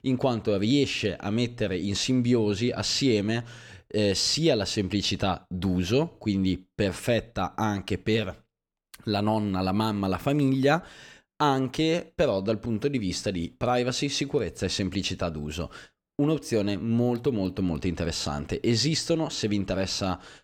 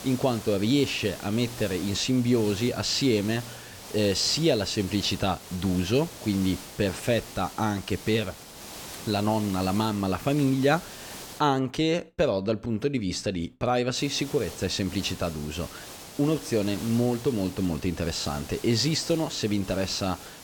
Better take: first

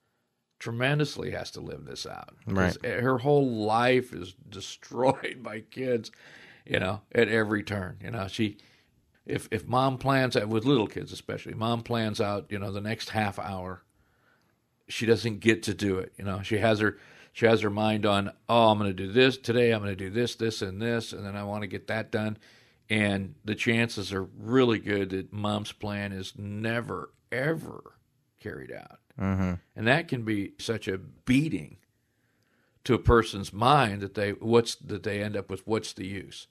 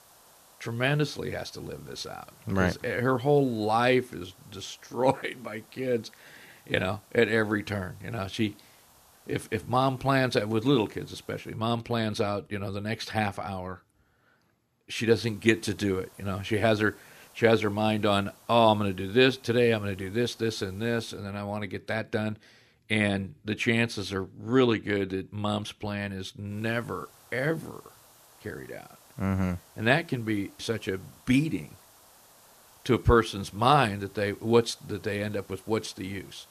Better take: first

